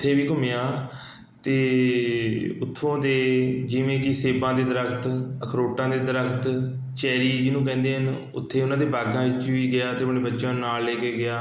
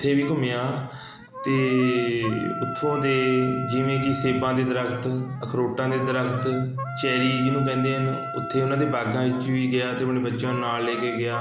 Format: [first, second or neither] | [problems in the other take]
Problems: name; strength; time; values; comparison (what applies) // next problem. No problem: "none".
first | background sound (Wind instrument, woodwind instrument); 10 dB below the speech